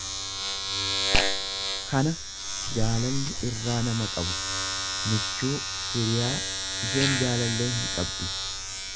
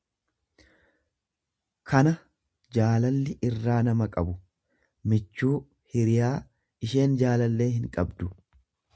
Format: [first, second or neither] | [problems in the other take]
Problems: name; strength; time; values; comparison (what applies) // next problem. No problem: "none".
second | background sound (Domestic sounds, home sounds); 1 dB above the speech